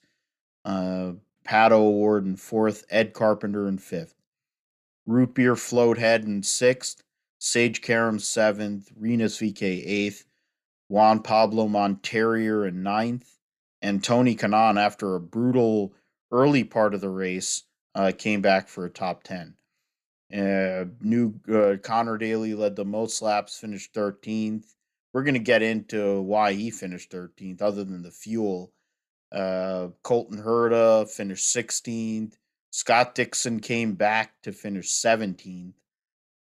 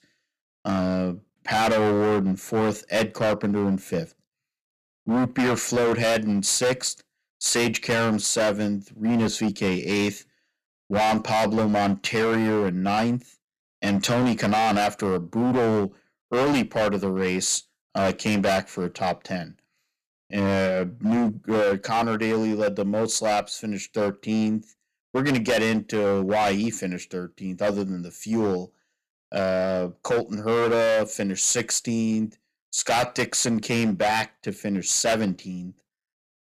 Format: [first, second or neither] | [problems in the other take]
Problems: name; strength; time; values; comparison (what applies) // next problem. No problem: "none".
first | distortion; heavy; 16% of the sound clipped